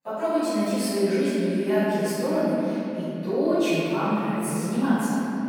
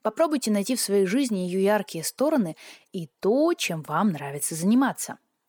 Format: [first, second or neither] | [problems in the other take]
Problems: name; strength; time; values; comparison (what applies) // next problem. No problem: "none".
second | room echo; strong; dies away in 3 s // off-mic speech; far